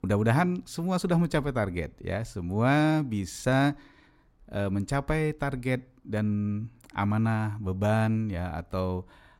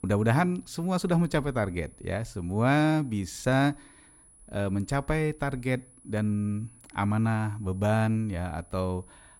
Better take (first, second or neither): first